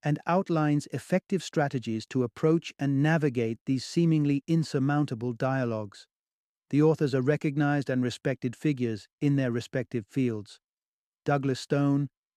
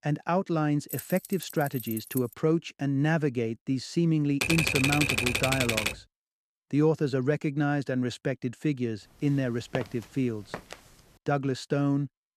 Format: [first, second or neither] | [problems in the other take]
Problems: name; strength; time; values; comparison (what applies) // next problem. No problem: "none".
first | jangling keys; noticeable; from 1 to 2.5 s; peak 9 dB below the speech // keyboard typing; loud; from 4.5 to 6 s; peak 4 dB above the speech // footsteps; noticeable; at 10 s; peak 9 dB below the speech